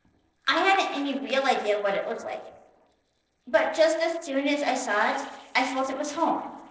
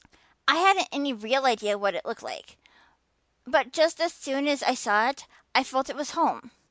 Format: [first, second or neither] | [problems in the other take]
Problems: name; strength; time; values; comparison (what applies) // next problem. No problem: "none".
second | noise reduction (neural separator model SepFormer DNS4)